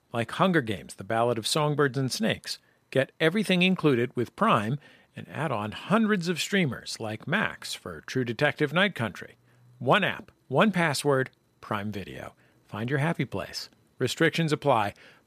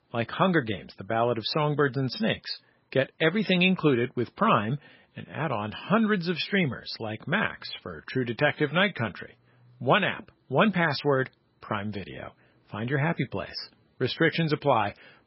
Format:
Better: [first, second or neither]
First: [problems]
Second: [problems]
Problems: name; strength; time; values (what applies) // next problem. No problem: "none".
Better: first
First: none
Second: garbled, watery; badly; nothing above 5.5 kHz